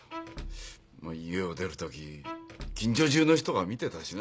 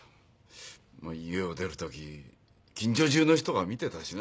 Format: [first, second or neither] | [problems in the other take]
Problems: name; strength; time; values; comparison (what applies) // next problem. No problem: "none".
second | background sound (Bowed string instrument + Door / Car); 14 dB below the speech